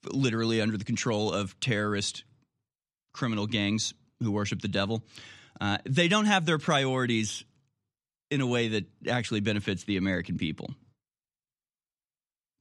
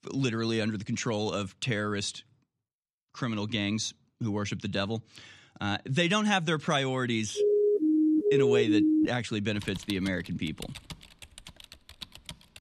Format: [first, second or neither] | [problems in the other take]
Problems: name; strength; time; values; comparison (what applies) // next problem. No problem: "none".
first | siren; loud; from 7.5 to 9 s; peak 6 dB above the speech // keyboard typing; faint; from 9.5 s on; peak 10 dB below the speech